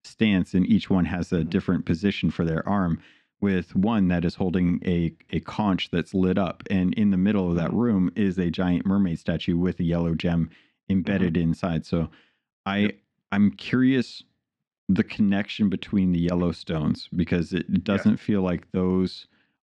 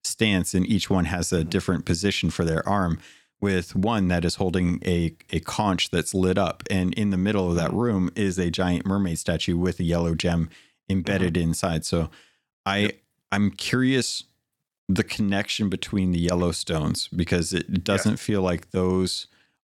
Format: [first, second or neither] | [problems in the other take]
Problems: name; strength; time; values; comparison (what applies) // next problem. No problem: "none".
second | muffled; slightly; fading above 3 kHz